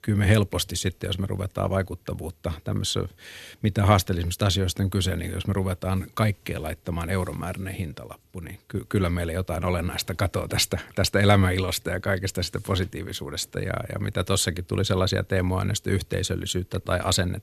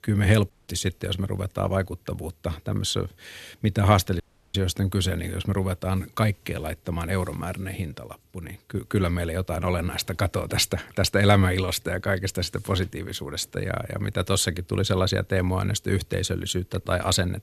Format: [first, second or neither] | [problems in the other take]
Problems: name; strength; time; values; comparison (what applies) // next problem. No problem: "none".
first | audio cutting out; at 0.5 s and at 4 s